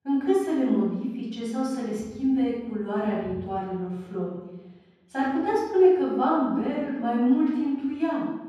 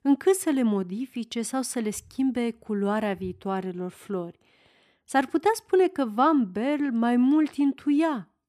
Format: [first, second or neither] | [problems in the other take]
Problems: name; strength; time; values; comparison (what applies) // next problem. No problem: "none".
second | room echo; strong; dies away in 1.3 s // off-mic speech; far